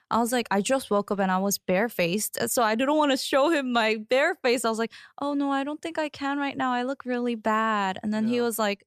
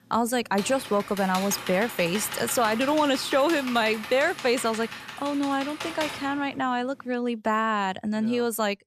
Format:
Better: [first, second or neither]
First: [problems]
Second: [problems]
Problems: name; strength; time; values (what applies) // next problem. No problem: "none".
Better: first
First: none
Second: keyboard typing; noticeable; from 0.5 to 6.5 s; peak 7 dB below the speech